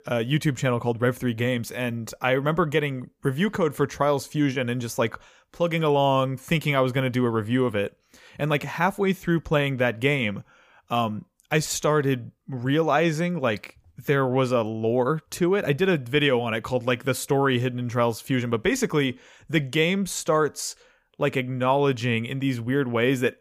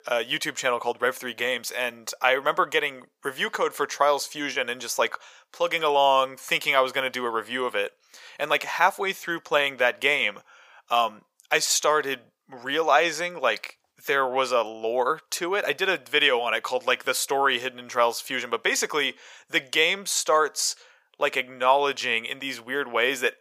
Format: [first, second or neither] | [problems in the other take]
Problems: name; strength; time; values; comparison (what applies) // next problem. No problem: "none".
first | thin; very; fading below 700 Hz